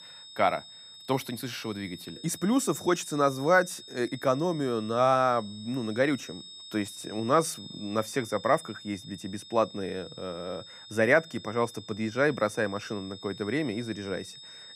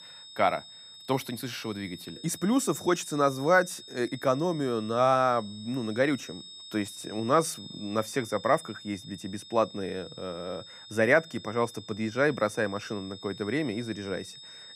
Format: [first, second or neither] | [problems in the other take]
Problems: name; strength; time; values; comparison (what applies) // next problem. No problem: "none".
neither | high-pitched whine; noticeable; throughout; 3.5 kHz, 15 dB below the speech; the same in both